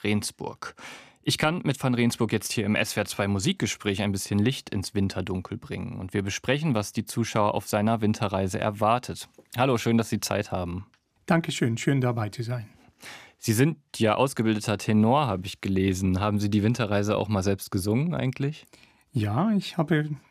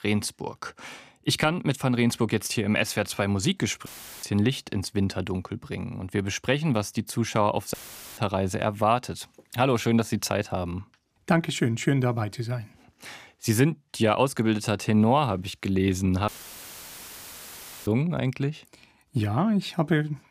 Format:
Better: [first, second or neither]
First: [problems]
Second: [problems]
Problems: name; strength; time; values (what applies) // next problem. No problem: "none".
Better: first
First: none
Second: audio cutting out; filled with static; at 4 s, at 7.5 s and at 16 s for 1.5 s